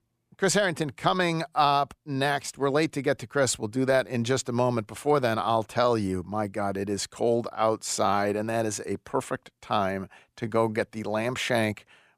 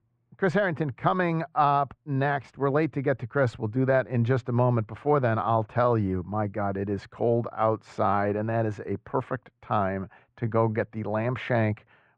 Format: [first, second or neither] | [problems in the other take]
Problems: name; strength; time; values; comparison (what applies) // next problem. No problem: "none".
first | muffled; very; fading above 1.5 kHz